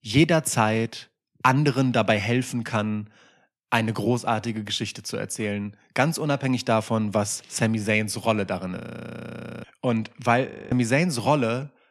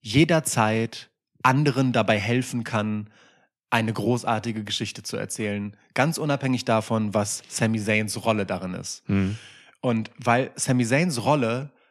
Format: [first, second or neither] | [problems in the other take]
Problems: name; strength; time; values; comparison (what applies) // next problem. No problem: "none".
second | audio freezing; at 9 s for 1 s and at 10 s